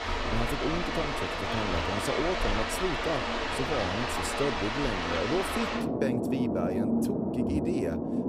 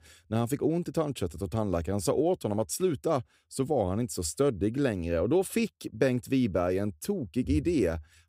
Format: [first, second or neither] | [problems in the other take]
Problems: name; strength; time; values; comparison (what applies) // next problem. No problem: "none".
second | rain or running water; very loud; throughout; 3 dB above the speech